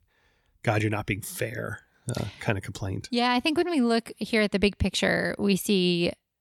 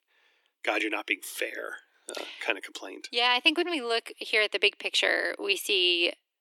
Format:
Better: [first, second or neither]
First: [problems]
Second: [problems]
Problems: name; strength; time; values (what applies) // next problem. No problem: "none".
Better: first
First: none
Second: thin; very; fading below 300 Hz